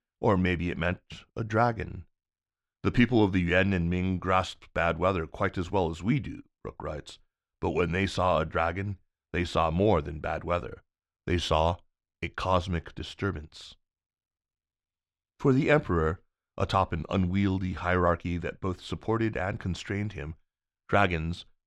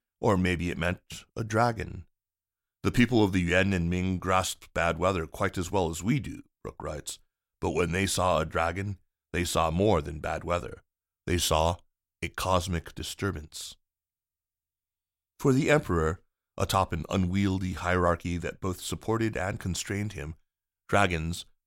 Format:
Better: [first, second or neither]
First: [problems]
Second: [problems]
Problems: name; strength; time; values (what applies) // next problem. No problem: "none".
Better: second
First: muffled; slightly; fading above 3.5 kHz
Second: none